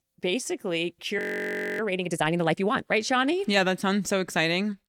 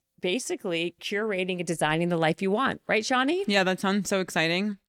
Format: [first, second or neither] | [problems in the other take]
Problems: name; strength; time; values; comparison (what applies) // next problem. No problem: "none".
second | audio freezing; at 1 s for 0.5 s